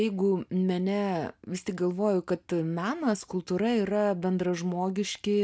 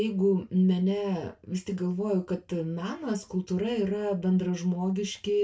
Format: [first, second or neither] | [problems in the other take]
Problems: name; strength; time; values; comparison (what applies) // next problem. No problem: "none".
first | room echo; dies away in 0.2 s